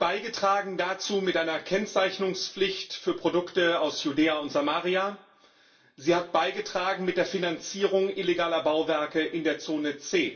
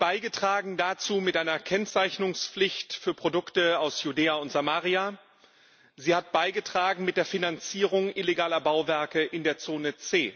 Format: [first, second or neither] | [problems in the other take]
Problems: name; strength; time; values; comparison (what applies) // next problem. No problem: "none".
second | room echo; dies away in 0.3 s